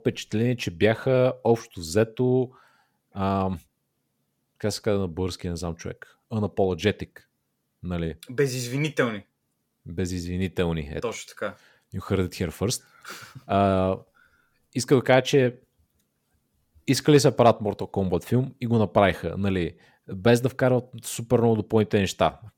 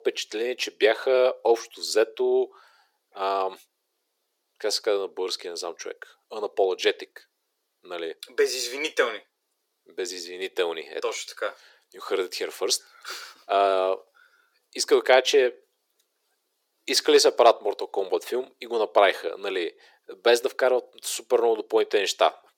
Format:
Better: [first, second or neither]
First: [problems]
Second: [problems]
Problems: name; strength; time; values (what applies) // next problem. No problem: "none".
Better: first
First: none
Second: thin; very; fading below 350 Hz